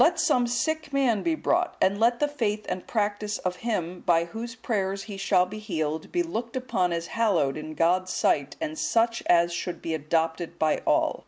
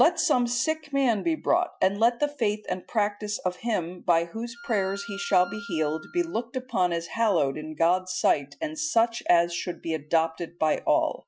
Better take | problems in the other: first | noise reduction (classical method Wiener filter)

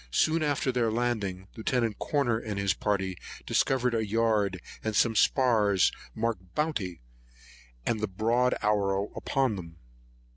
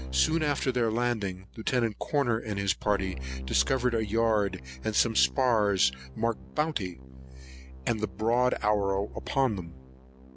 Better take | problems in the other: first | background sound (Keyboard (musical)); 13 dB below the speech

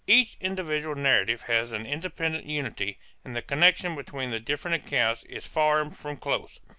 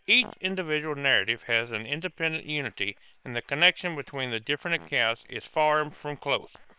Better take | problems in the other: first | noise reduction (neural separator model SepFormer WHAM!)

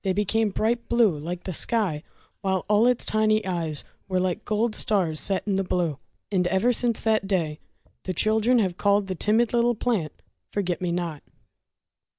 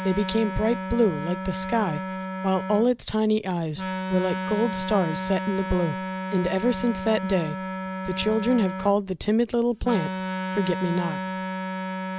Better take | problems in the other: first | background sound (Wind instrument, woodwind instrument); 5 dB below the speech

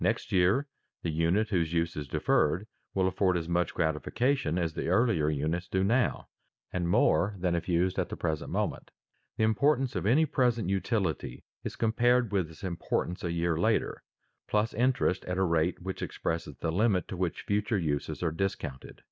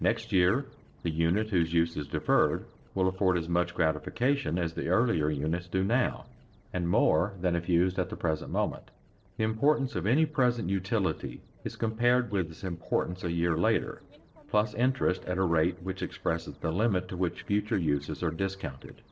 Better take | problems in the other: first | noise reduction (neural separator model SepFormer DNS4)

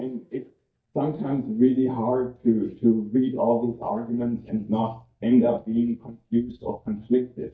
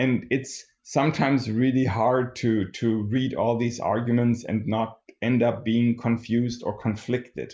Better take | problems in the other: second | noise reduction (neural mask model DeepFilterNet 3)

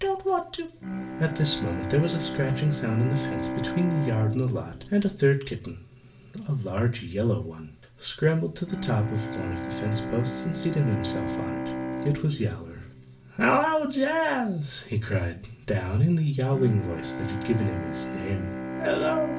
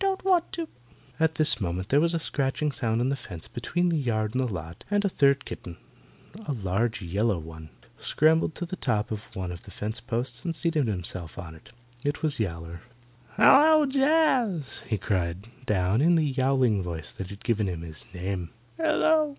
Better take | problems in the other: second | background sound (Bowed string instrument); 8 dB below the speech // room echo; dies away in 0.3 s

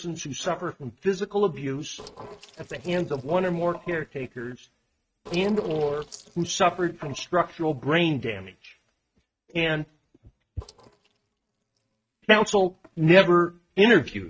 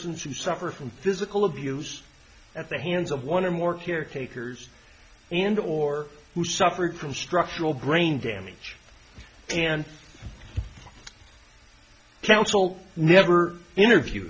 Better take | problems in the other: second | noise reduction (neural mask model RNNoise)

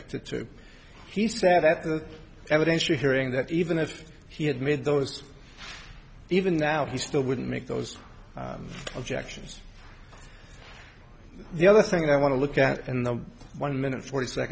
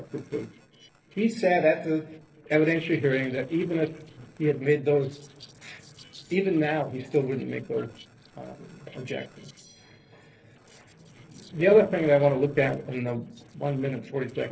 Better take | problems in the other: first | noise reduction (neural separator model SepFormer DNS4)

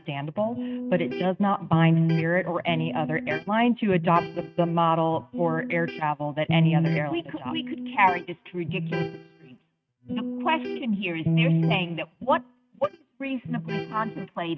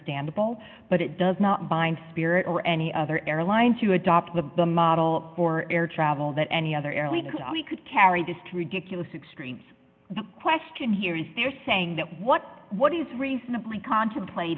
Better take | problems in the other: second | noise reduction (neural mask model RNNoise)

